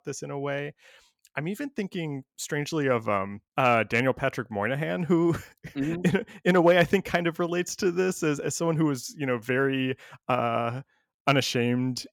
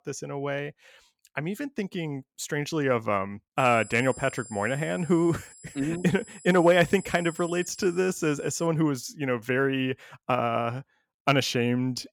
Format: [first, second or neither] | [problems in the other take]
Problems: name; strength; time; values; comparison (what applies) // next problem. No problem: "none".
first | high-pitched whine; noticeable; from 3.5 to 8.5 s; 7.5 kHz, 20 dB below the speech